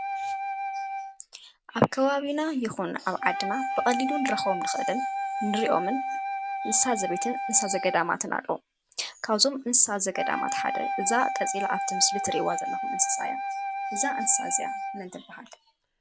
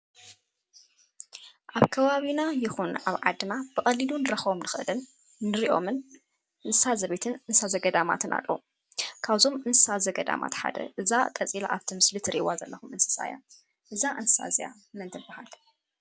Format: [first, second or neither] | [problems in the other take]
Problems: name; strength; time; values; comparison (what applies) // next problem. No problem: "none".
second | background sound (Wind instrument, woodwind instrument); 3 dB below the speech